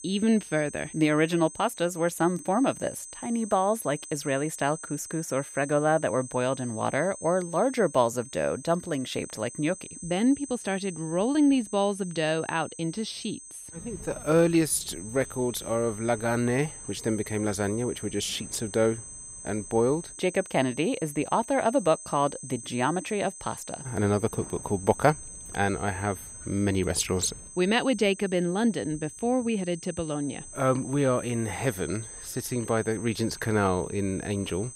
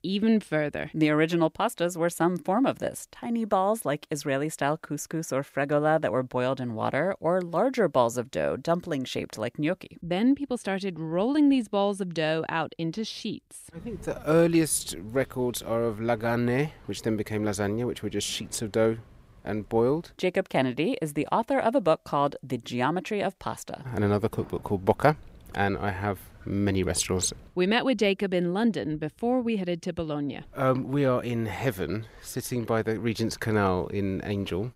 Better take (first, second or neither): second